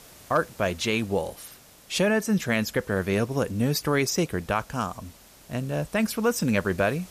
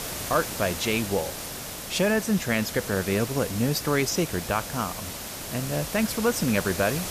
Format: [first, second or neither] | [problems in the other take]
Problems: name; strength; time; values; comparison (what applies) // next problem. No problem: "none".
first | hiss; loud; throughout; 7 dB below the speech; faint in the first